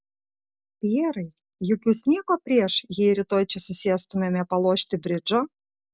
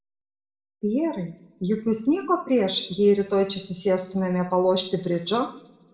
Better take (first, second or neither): first